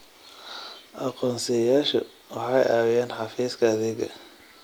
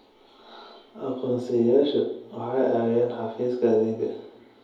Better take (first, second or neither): first